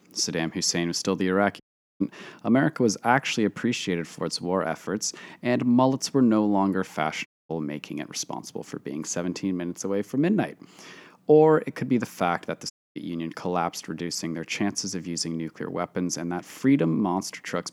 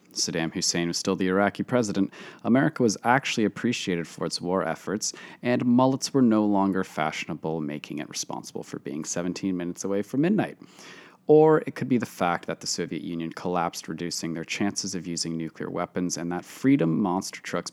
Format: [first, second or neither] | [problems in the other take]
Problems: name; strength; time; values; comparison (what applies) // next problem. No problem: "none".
second | audio cutting out; at 1.5 s, at 7.5 s and at 13 s